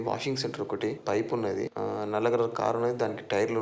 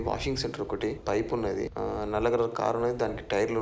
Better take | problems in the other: first | background sound (Rattle); 15 dB below the speech

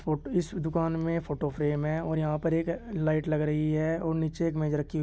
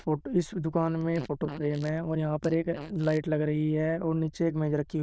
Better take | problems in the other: first | noise reduction (neural diffusion model UNIVERSE++)

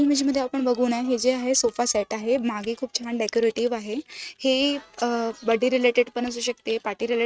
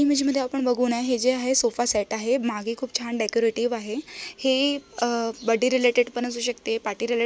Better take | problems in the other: second | noise reduction (neural mask model RNNoise)

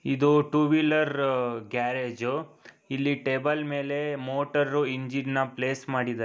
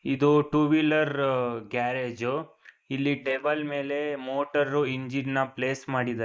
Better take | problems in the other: first | noise reduction (neural mask model Resemble Enhance denoiser)

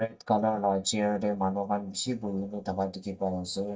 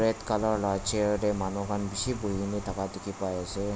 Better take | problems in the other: second | noise reduction (neural mask model DeepFilterNet 3)

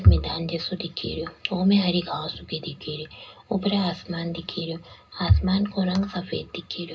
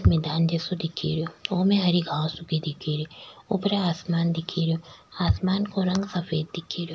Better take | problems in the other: second | room echo; dies away in 0.2 s

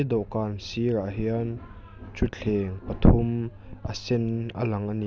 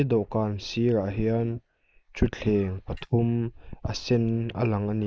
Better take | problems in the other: first | noise reduction (neural mask model Resemble Enhance denoiser)

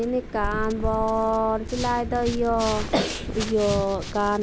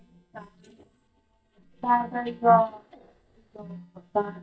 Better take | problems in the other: first | noise reduction (neural mask model DeepFilterNet 3)

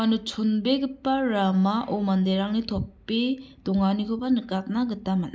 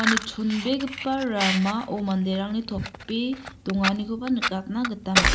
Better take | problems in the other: first | background sound (Fire); 3 dB below the speech

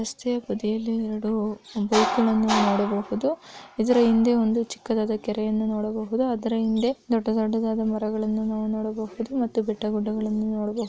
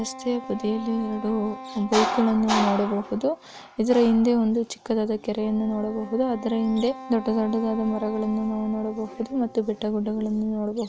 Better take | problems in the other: first | background sound (Wind instrument, woodwind instrument); 17 dB below the speech

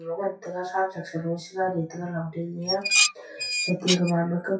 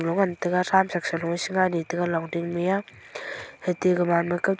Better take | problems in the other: second | noise reduction (classical method WPE with log-MMSE)

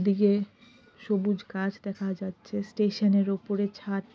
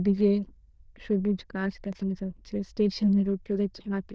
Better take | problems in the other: first | noise reduction (neural diffusion model UNIVERSE++)

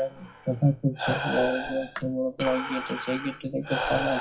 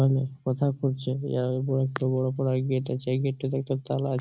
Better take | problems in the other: second | noise reduction (classical method WPE with log-MMSE)

